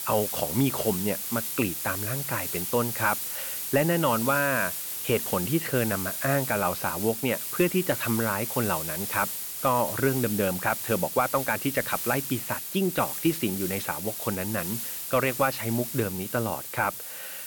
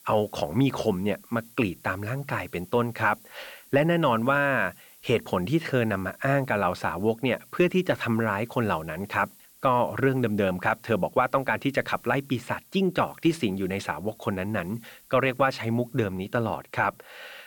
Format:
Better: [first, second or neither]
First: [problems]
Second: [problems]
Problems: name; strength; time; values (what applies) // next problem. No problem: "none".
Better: second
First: hiss; loud; throughout; 3 dB below the speech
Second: hiss; faint; throughout; 25 dB below the speech